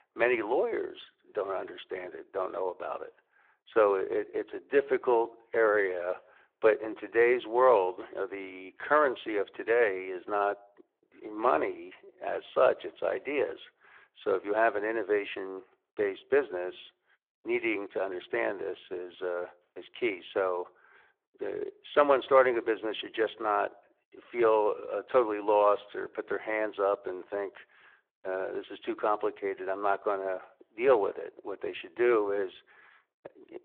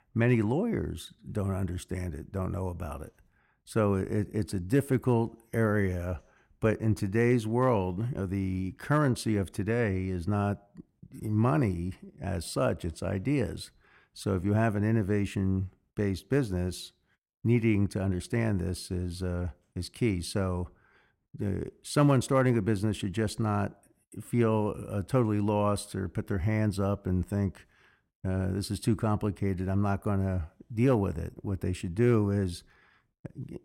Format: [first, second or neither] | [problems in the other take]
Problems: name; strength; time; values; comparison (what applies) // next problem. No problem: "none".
second | phone-call audio